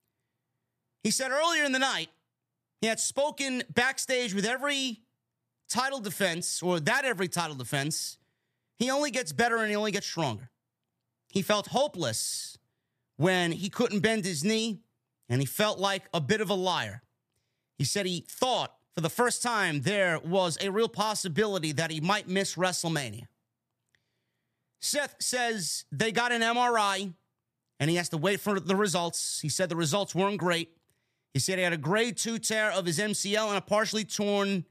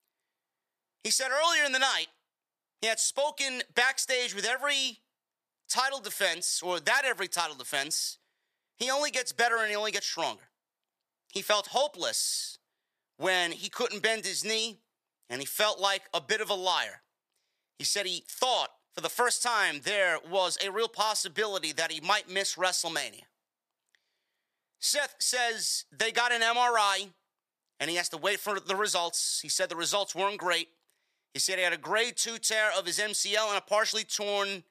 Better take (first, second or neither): first